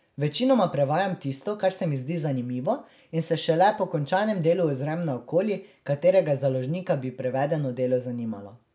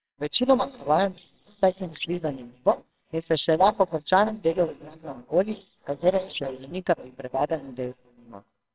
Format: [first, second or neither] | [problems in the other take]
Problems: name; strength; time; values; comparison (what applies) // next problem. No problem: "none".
first | noise reduction (neural separator model SepFormer WHAMR!)